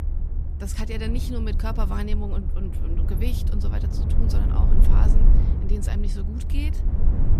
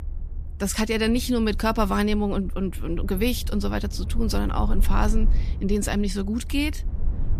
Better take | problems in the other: second | low rumble; loud; throughout; 3 dB below the speech; faint in the second

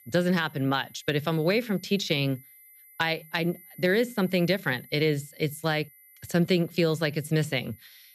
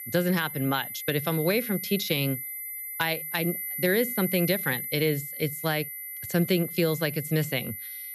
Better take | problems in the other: first | high-pitched whine; loud; throughout; 12 kHz, 5 dB below the speech; faint in the first

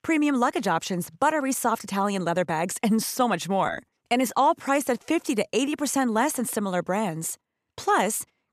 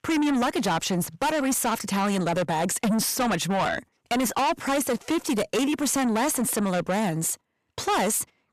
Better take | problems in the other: first | distortion; heavy; 6 dB below the speech

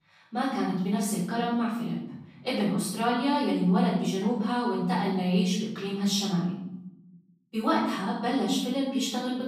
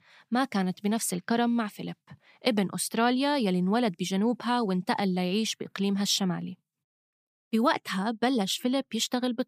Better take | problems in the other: second | off-mic speech; far // room echo; noticeable; dies away in 0.9 s

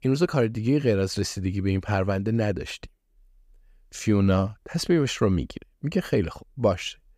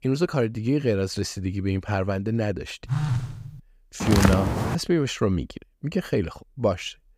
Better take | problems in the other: first | phone ringing; loud; at 3 s; peak level with the speech // footsteps; loud; at 4 s; peak 4 dB above the speech

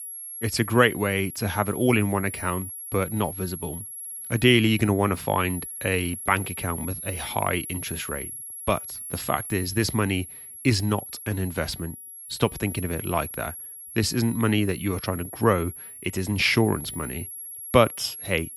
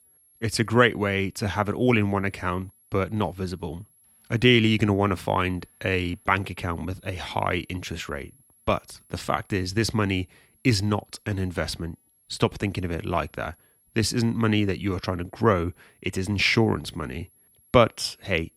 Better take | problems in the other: second | high-pitched whine; loud; throughout; 11 kHz, 10 dB below the speech; faint in the second

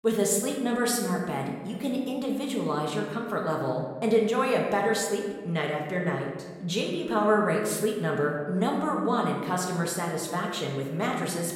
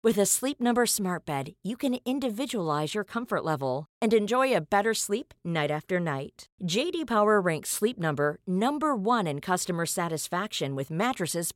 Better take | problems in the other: second | room echo; noticeable; dies away in 1.1 s // off-mic speech; somewhat distant

